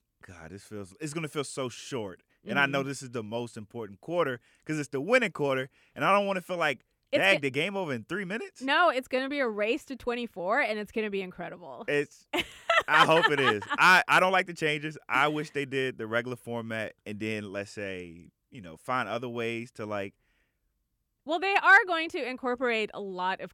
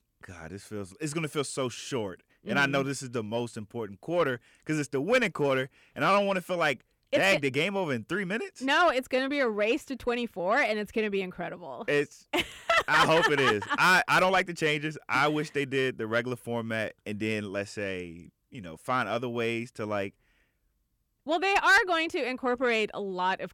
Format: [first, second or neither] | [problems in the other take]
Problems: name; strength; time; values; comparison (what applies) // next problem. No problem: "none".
first | distortion; slight; 10 dB below the speech